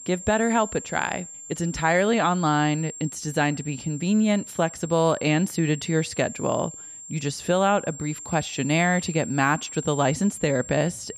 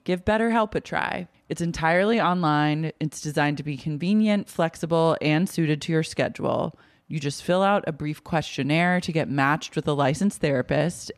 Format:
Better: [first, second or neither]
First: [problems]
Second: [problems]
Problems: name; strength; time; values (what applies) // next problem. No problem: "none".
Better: second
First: high-pitched whine; noticeable; throughout; 7.5 kHz, 15 dB below the speech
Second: none